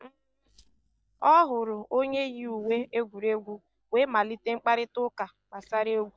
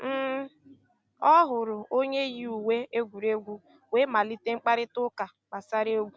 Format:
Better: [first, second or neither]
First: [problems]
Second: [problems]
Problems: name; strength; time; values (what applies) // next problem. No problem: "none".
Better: second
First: noise reduction (neural mask model DeepFilterNet 3)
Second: none